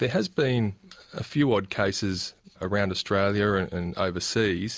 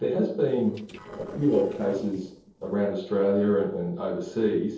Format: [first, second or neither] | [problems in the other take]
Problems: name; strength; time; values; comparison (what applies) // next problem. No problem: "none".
first | noise reduction (neural separator model SepFormer DNS4)